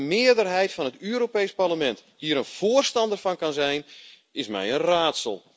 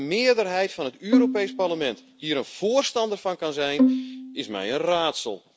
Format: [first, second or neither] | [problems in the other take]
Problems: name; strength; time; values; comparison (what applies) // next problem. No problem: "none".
first | background sound (Bowed string instrument); as loud as the speech